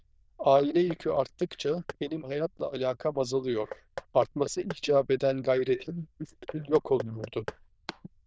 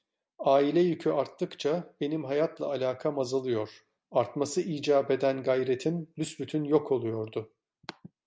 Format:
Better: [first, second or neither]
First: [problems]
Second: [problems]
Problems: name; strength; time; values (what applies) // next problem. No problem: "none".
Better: second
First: noise reduction (neural diffusion model UNIVERSE++)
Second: none